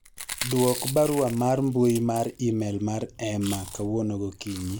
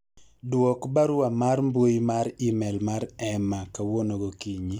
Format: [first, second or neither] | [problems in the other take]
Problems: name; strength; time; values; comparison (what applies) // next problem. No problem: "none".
second | background sound (Chewing, mastication); 13 dB below the speech